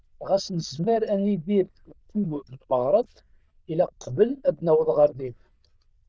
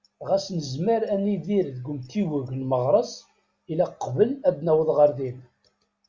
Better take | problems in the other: second | noise reduction (neural diffusion model UNIVERSE++)

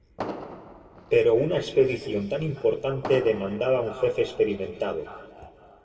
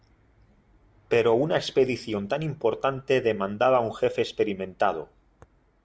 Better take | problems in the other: second | background sound (Fireworks); 16 dB below the speech // room echo; dies away in 2.6 s

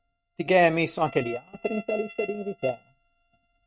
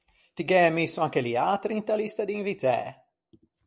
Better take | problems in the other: second | noise reduction (neural mask model RNNoise)

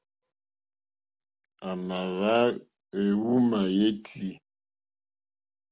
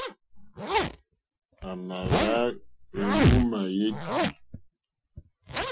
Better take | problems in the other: first | noise reduction (classical method Wiener filter)

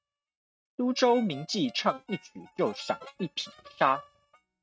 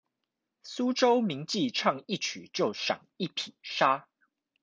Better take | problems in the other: second | noise reduction (neural mask model RNNoise)

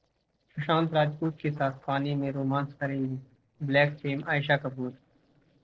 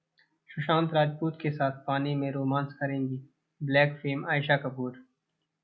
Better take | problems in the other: second | noise reduction (neural separator model SepFormer DNS4)

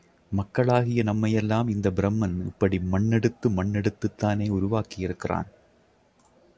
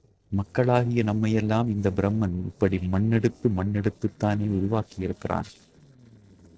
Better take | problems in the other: first | noise reduction (neural separator model SepFormer DNS4)

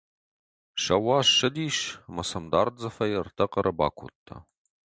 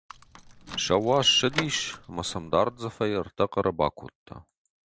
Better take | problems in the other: first | background sound (Door / Car); 12 dB below the speech

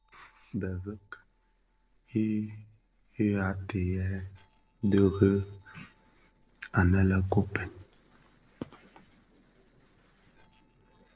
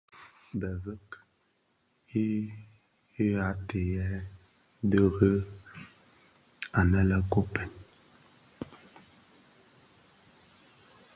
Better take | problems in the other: second | noise reduction (neural separator model SepFormer DNS4)

